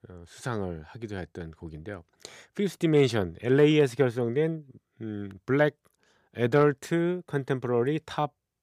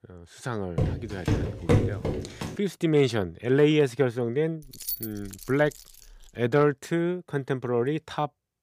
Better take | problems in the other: first | footsteps; loud; from 1 to 2.5 s; peak 2 dB above the speech // jangling keys; noticeable; from 4.5 to 6 s; peak 5 dB below the speech

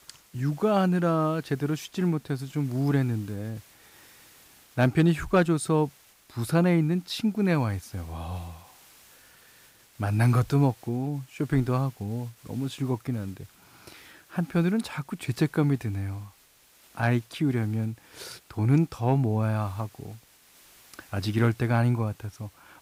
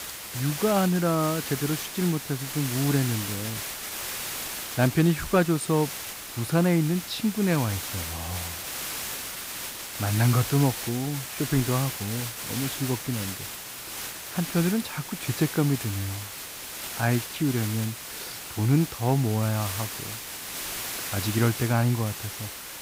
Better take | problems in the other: first | hiss; loud; throughout; 6 dB below the speech; faint in the first

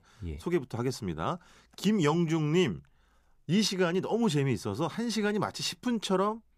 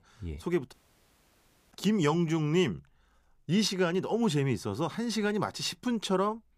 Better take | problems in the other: first | audio cutting out; at 0.5 s for 1 s

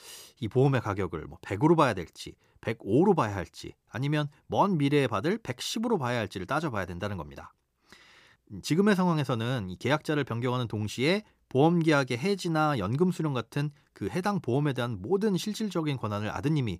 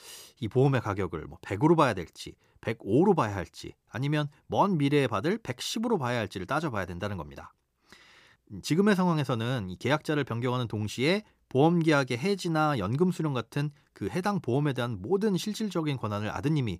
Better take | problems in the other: neither | none

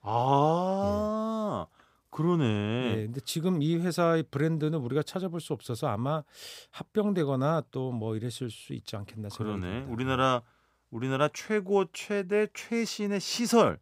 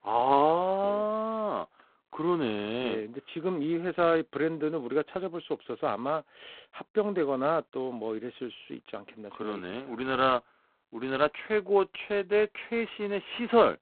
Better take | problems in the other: first | phone-call audio; poor line; nothing above 4 kHz

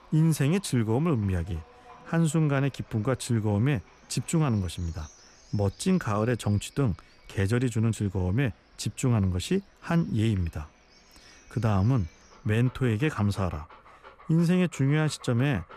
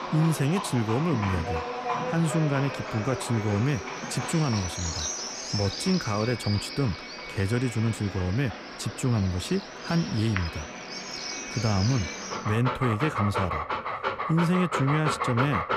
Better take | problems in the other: first | animal sounds; loud; throughout; 5 dB below the speech; faint in the first

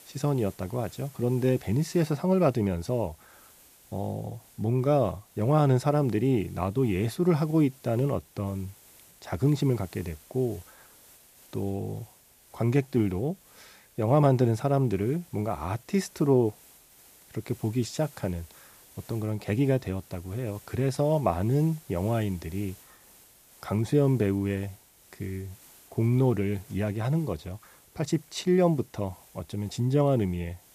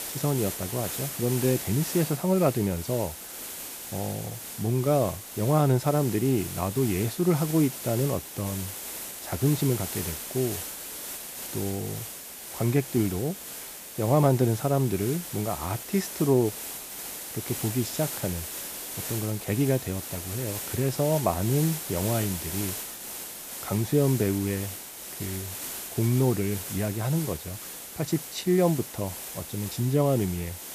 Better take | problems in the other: first | hiss; loud; throughout; 7 dB below the speech; faint in the first

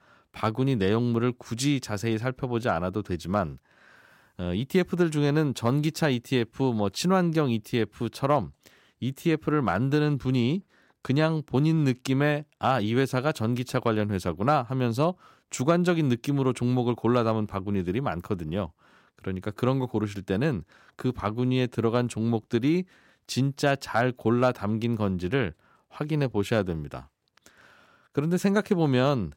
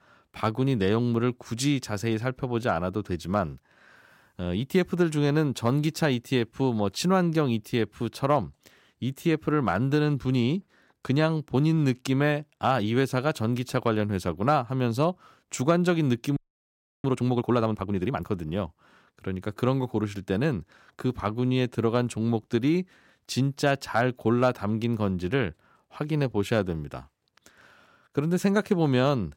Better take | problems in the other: first | audio freezing; at 16 s for 0.5 s

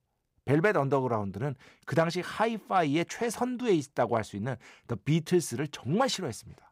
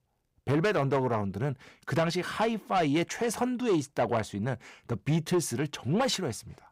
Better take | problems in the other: first | distortion; slight; 10 dB below the speech

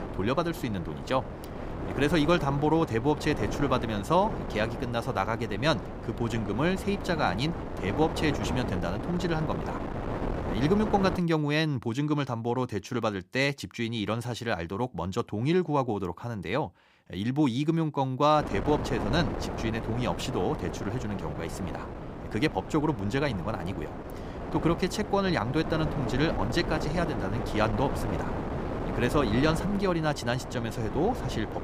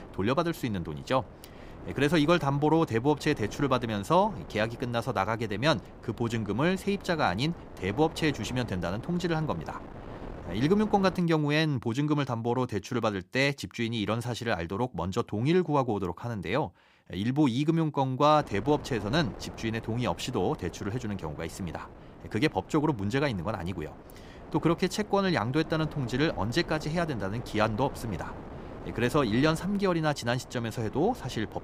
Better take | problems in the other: second | wind noise on the microphone; heavy; until 11 s and from 18 s on; 7 dB below the speech; occasional gusts in the second

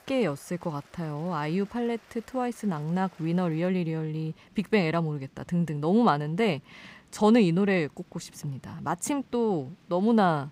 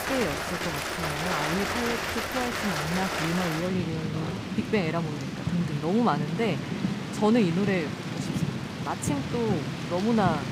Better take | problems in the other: first | rain or running water; loud; throughout; 2 dB below the speech; faint in the first

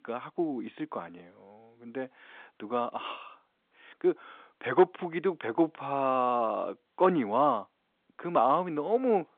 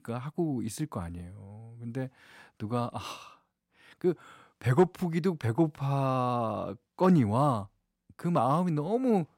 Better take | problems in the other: second | phone-call audio; nothing above 3.5 kHz

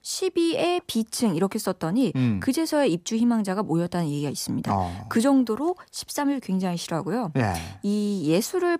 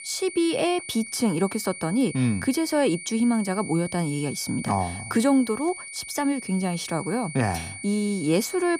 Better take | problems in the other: first | high-pitched whine; noticeable; throughout; 2 kHz, 10 dB below the speech

